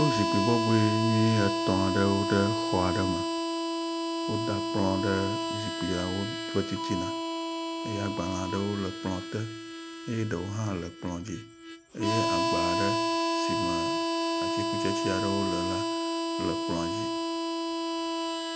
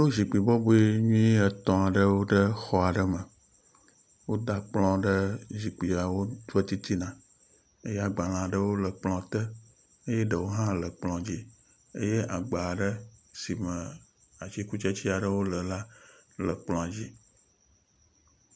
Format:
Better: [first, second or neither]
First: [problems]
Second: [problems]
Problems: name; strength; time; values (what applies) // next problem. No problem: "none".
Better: second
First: background sound (Harmonica); 1 dB above the speech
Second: none